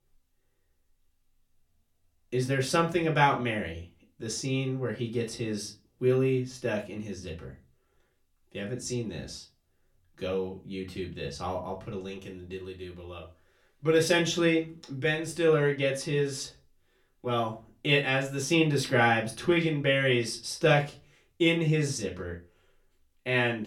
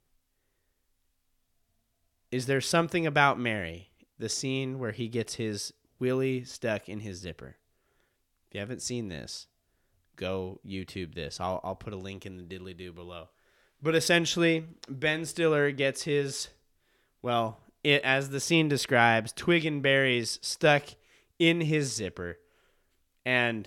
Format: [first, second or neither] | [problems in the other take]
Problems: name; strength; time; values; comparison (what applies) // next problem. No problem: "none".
second | off-mic speech; far // room echo; very slight; dies away in 0.2 s